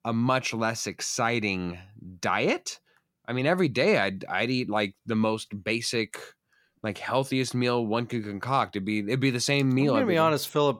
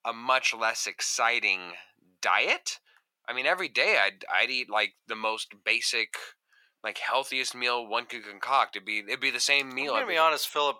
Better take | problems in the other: first | thin; very; fading below 800 Hz

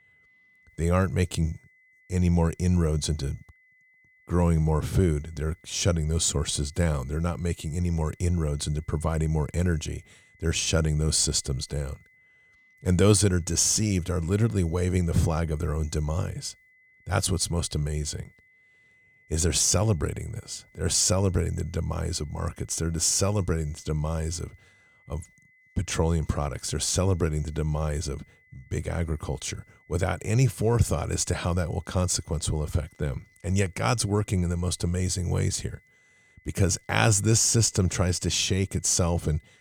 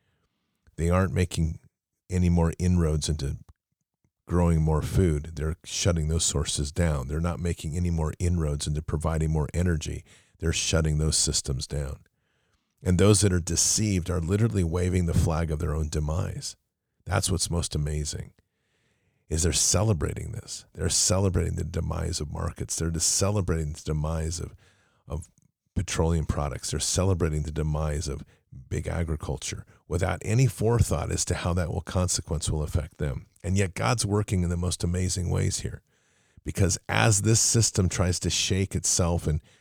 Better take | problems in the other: second | high-pitched whine; faint; throughout; 2 kHz, 30 dB below the speech

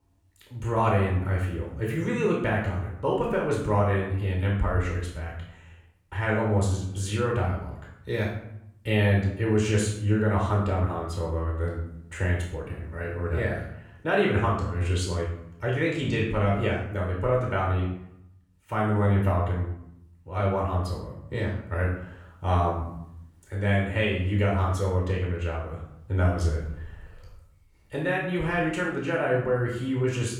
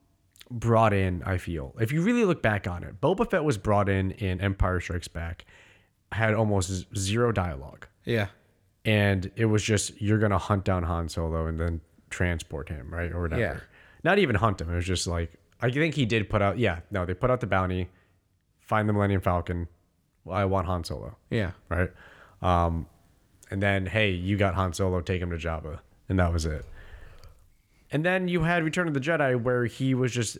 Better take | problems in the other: second | off-mic speech; far // room echo; noticeable; dies away in 0.6 s

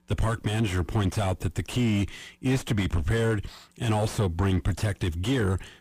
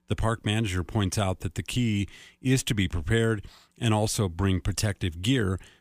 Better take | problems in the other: second | distortion; heavy; 6 dB below the speech

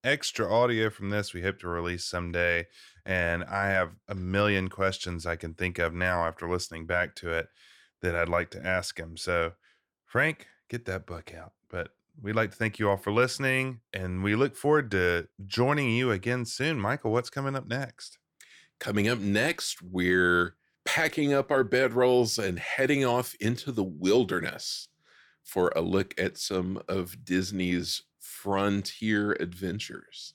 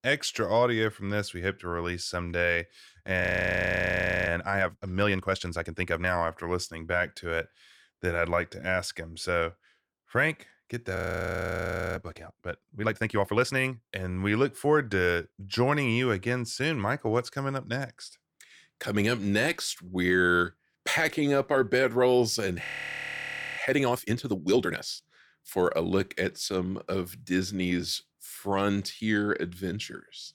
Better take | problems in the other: first | audio freezing; at 3 s for 1 s, at 11 s for 1 s and at 23 s for 1 s

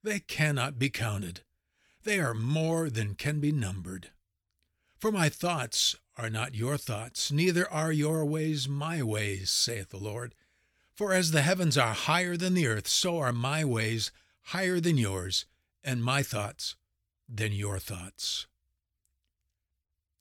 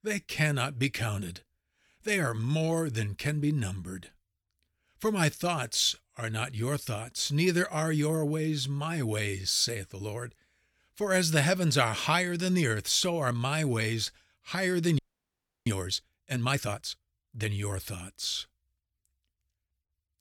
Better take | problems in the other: first | audio freezing; at 15 s for 0.5 s

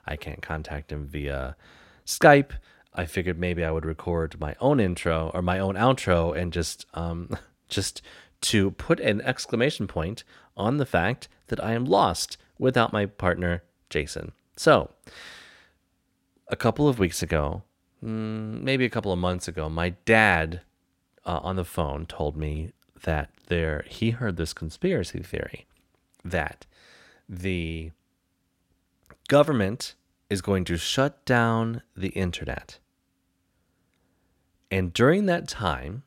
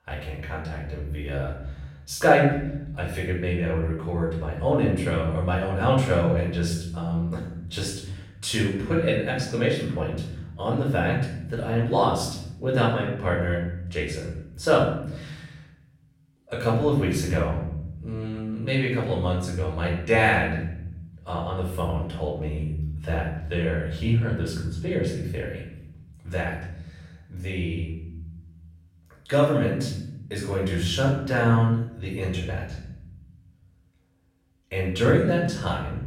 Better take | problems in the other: first | off-mic speech; far // room echo; noticeable; dies away in 1.3 s

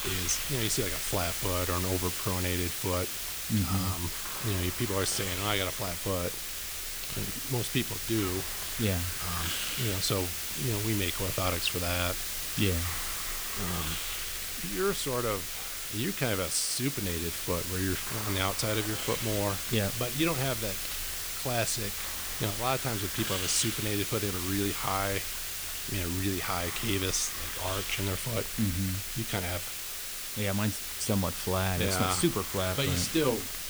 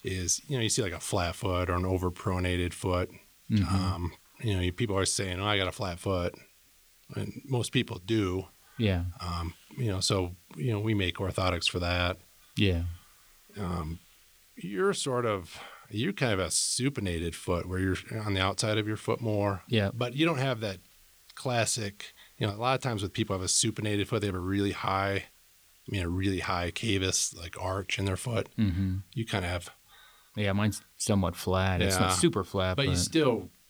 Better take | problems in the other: second | hiss; loud; throughout; 1 dB below the speech; faint in the second

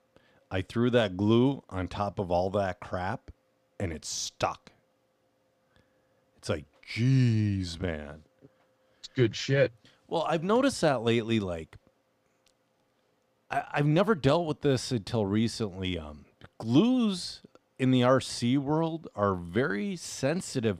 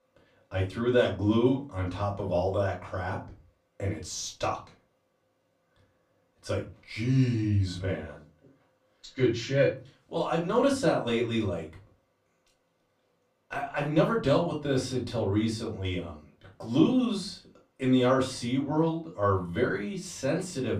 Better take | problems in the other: first | off-mic speech; far // room echo; slight; dies away in 0.3 s

